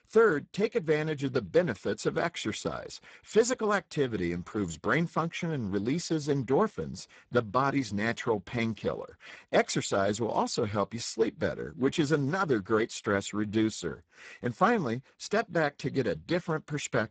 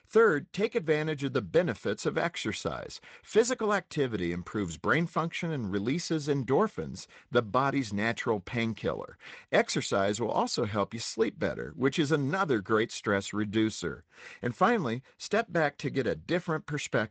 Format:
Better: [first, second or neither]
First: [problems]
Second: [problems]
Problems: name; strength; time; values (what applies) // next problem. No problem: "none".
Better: second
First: garbled, watery; badly; nothing above 7.5 kHz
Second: garbled, watery; slightly; nothing above 7.5 kHz